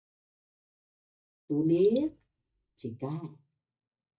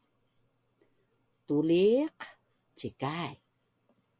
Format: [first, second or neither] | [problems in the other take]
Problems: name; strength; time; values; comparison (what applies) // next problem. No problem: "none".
second | noise reduction (neural mask model DeepFilterNet 3)